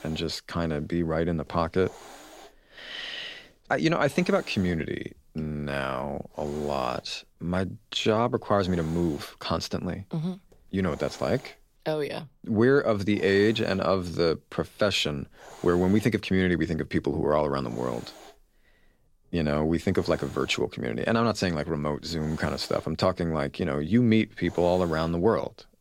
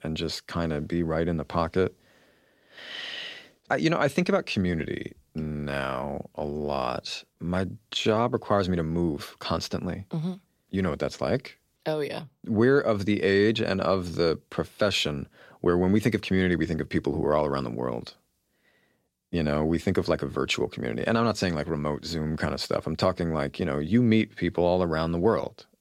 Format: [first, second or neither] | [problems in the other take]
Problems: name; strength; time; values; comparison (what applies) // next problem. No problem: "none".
second | hiss; faint; throughout; 20 dB below the speech